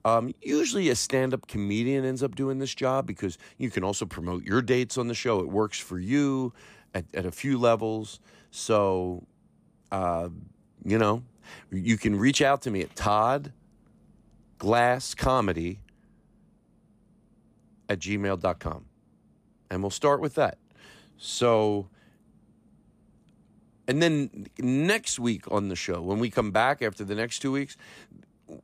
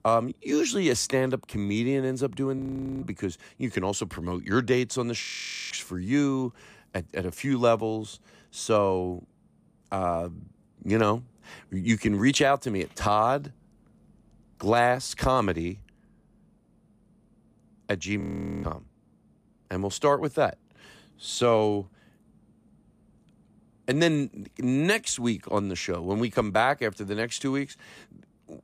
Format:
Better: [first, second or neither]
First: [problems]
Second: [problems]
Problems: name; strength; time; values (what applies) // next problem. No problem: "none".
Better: first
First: none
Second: audio freezing; at 2.5 s, at 5 s and at 18 s